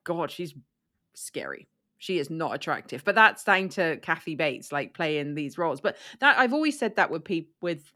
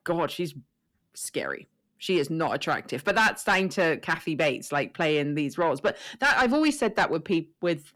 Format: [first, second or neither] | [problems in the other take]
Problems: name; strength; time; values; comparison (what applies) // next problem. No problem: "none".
first | distortion; heavy; 6 dB below the speech